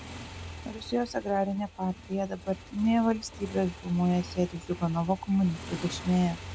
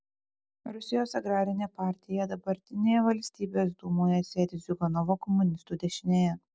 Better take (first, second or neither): second